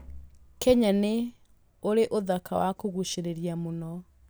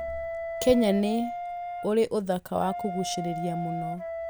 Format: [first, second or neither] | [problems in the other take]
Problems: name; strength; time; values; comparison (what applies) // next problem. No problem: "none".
first | background sound (Wind instrument, woodwind instrument); 7 dB below the speech